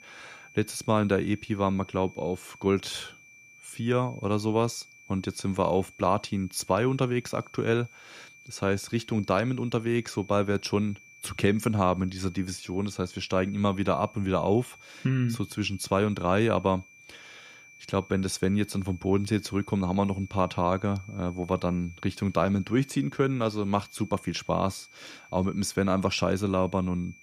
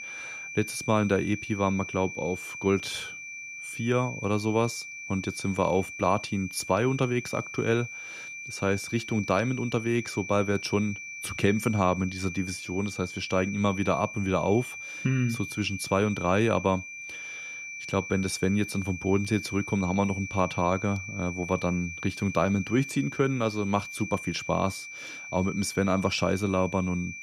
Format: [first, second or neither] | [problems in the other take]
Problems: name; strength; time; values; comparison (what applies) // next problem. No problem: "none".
first | high-pitched whine; loud; throughout; 2.5 kHz, 9 dB below the speech; faint in the first